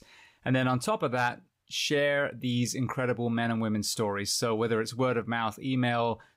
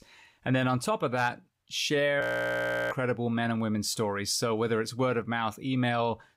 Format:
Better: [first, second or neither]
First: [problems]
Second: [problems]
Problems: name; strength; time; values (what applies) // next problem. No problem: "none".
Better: first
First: none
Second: audio freezing; at 2 s for 0.5 s